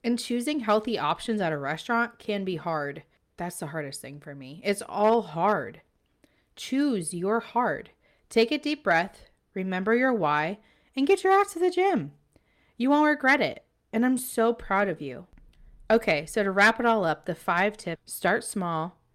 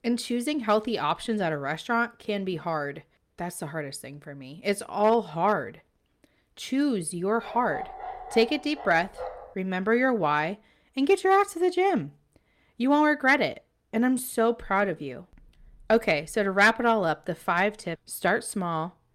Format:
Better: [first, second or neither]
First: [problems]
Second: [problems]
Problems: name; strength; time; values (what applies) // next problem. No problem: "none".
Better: first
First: none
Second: dog barking; faint; from 7.5 to 9.5 s; peak 10 dB below the speech